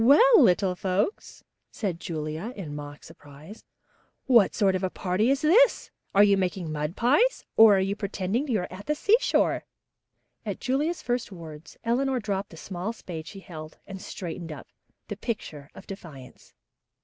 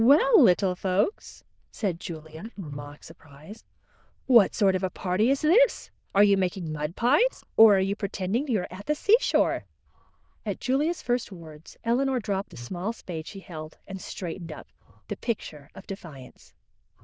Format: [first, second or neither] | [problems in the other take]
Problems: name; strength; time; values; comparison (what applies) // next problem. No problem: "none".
first | noise reduction (neural diffusion model UNIVERSE++)